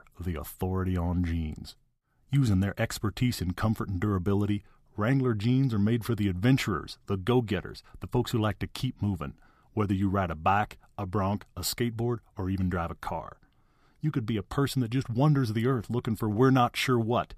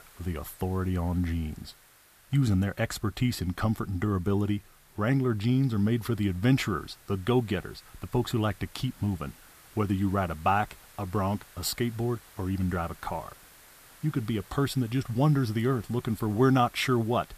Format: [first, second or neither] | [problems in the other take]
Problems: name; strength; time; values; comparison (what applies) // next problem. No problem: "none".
first | hiss; faint; throughout; 25 dB below the speech